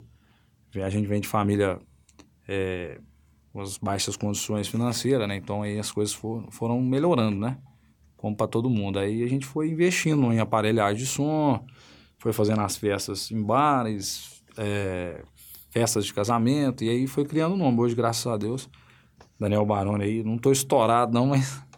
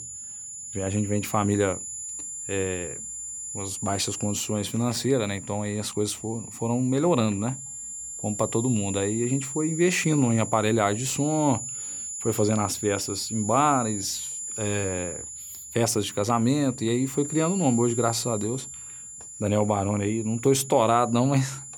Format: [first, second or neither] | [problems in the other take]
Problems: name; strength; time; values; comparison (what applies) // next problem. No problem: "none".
first | high-pitched whine; loud; throughout; 7 kHz, 8 dB below the speech